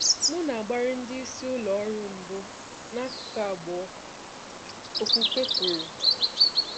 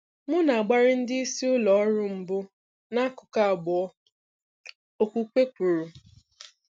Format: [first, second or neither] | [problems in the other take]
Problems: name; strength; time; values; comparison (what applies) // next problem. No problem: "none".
second | background sound (Bird vocalization, bird call, bird song); 3 dB above the speech